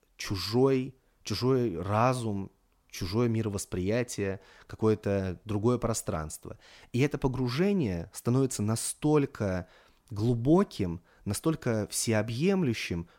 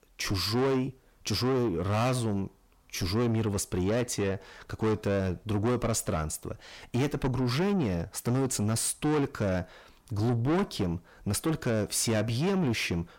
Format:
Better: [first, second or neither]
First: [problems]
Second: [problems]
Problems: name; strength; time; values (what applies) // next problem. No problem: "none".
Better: first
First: none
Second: distortion; heavy; 8 dB below the speech